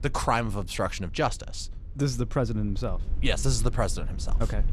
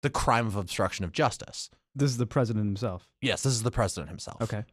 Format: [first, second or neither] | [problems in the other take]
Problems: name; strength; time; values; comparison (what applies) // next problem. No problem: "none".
second | low rumble; faint; throughout; 25 dB below the speech